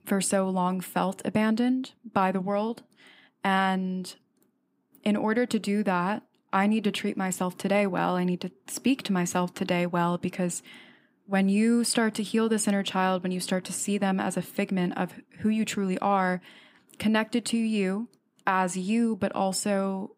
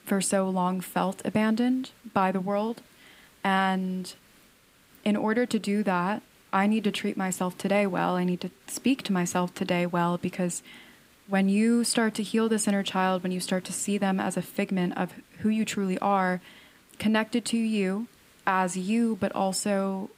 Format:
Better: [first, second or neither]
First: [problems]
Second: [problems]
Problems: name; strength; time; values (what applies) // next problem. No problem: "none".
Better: first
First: none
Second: hiss; faint; throughout; 30 dB below the speech